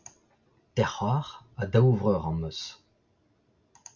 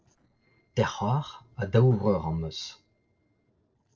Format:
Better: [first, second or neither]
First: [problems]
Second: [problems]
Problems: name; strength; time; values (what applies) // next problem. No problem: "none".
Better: first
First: none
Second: noise reduction (neural separator model SepFormer DNS4)